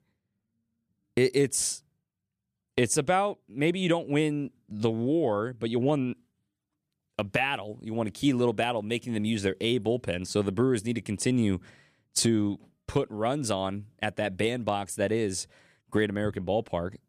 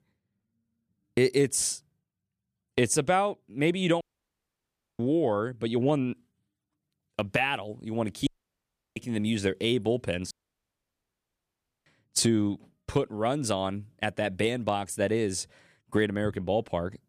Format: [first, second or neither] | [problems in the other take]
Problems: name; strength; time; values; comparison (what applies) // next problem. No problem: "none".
first | audio cutting out; at 4 s for 1 s, at 8.5 s for 0.5 s and at 10 s for 1.5 s